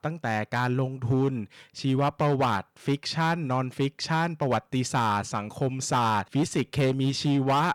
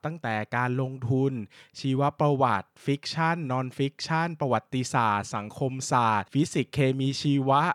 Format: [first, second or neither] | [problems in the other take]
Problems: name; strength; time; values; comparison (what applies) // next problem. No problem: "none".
second | distortion; slight; 8% of the sound clipped